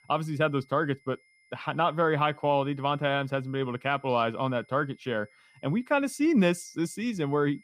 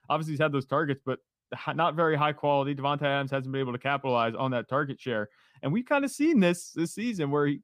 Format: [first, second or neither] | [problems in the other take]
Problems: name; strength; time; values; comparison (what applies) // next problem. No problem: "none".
second | high-pitched whine; faint; throughout; 2 kHz, 30 dB below the speech